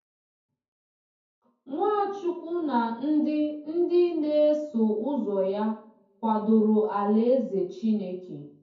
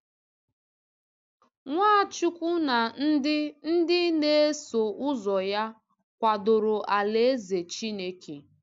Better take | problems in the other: second | room echo; dies away in 0.6 s

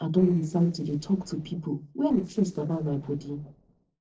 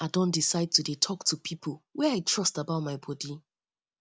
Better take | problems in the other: second | noise reduction (neural separator model SepFormer DNS4)

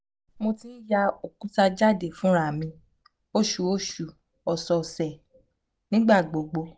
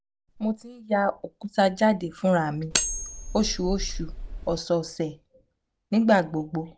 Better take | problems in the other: first | background sound (Cutlery, silverware); 4 dB below the speech

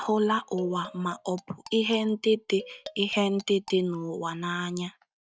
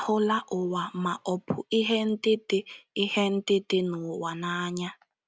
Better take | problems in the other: second | noise reduction (neural mask model DeepFilterNet 3)

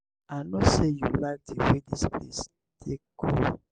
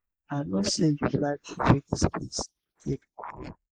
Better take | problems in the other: first | noise reduction (neural mask model Resemble Enhance denoiser)

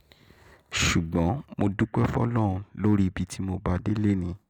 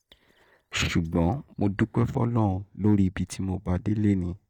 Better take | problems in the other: first | noise reduction (neural mask model DeepFilterNet 3)

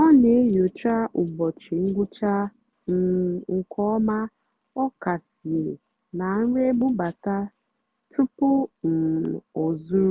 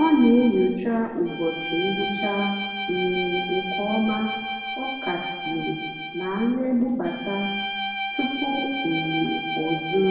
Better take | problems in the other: first | background sound (Bowed string instrument); 6 dB below the speech // room echo; dies away in 1.2 s

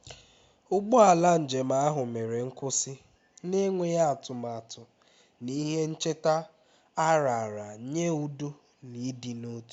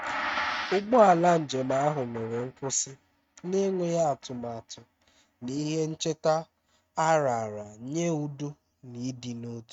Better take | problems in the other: first | noise reduction (neural mask model RNNoise)

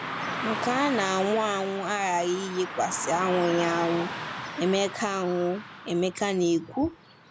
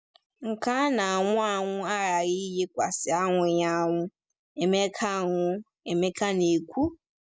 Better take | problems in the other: second | background sound (Car passing by / Traffic noise, roadway noise); 8 dB below the speech

